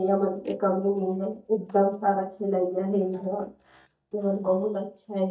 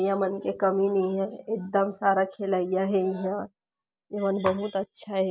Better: second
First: noise reduction (neural mask model DeepFilterNet 3)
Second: none

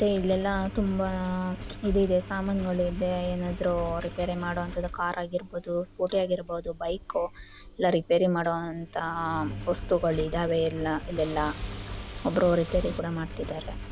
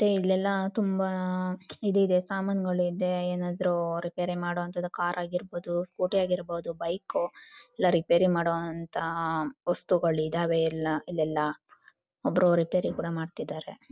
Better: second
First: background sound (Engine / Car + Engine); 10 dB below the speech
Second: none

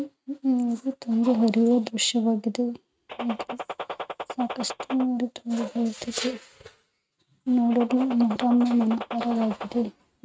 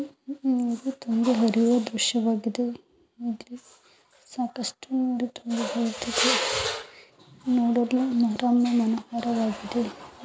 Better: second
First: noise reduction (neural mask model RNNoise)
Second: none

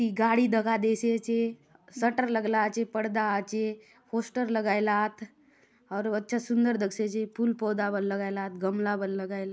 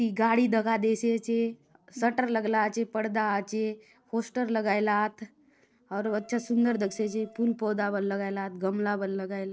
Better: first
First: none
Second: noise reduction (neural separator model SepFormer DNS4)

